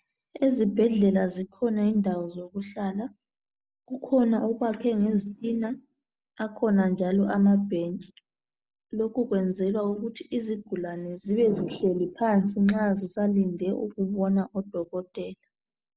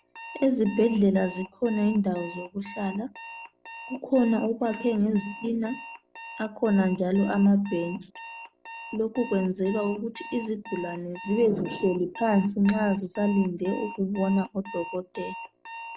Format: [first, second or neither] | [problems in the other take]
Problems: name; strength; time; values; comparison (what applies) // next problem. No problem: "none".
first | background sound (Alarm); 15 dB below the speech